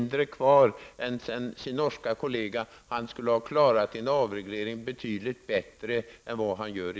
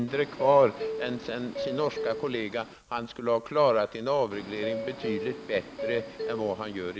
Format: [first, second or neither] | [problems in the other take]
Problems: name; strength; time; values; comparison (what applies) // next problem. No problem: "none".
first | background sound (Subway, metro, underground); 7 dB below the speech